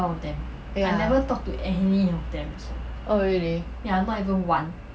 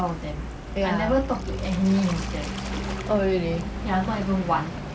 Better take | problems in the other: first | background sound (Waves, surf); 8 dB below the speech

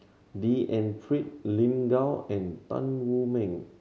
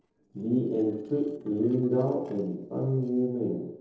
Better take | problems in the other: first | noise reduction (neural separator model SepFormer DNS4)

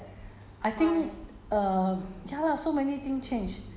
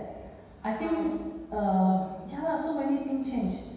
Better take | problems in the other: first | room echo; dies away in 1.2 s

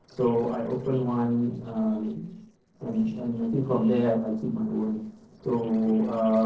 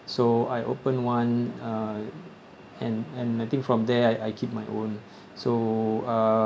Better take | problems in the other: second | noise reduction (neural separator model SepFormer DNS4)

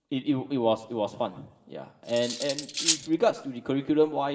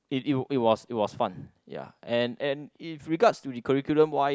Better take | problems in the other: second | background sound (Cutlery, silverware); 4 dB below the speech // room echo; dies away in 2.6 s

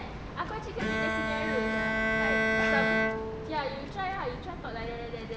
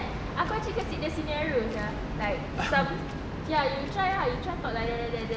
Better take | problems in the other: second | background sound (Bowed string instrument); 4 dB above the speech

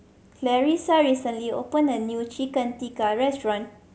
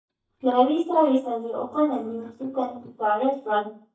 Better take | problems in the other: first | noise reduction (neural mask model DeepFilterNet 3)

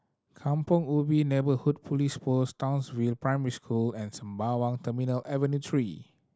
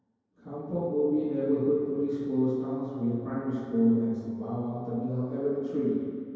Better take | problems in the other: first | room echo; dies away in 2.2 s

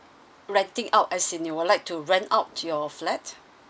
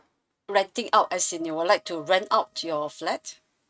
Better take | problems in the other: first | noise reduction (neural mask model RNNoise)

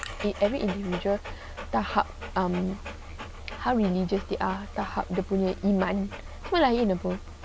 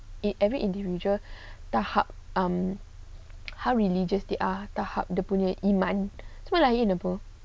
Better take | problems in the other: second | background sound (Musical instrument + Dog); 13 dB below the speech

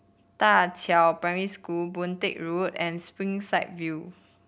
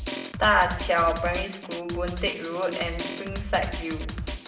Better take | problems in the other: first | background sound (Drum); 6 dB below the speech // room echo; dies away in 0.7 s

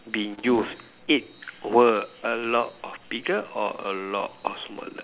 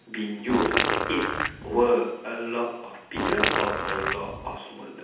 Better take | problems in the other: first | background sound (Fart); 1 dB above the speech // room echo; dies away in 0.8 s

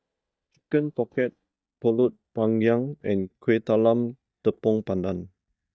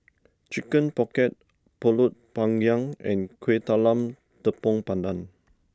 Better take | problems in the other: second | noise reduction (neural mask model DeepFilterNet 3)

